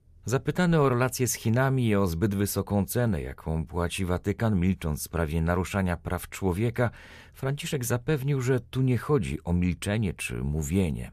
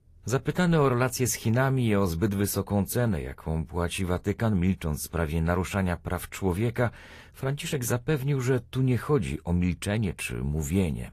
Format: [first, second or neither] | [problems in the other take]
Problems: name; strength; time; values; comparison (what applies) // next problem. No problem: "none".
first | garbled, watery; slightly; nothing above 14.5 kHz